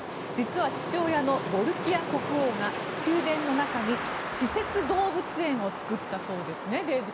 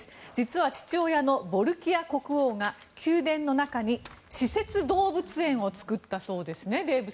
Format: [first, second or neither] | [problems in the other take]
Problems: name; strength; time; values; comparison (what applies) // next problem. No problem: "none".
second | background sound (Wind); 4 dB below the speech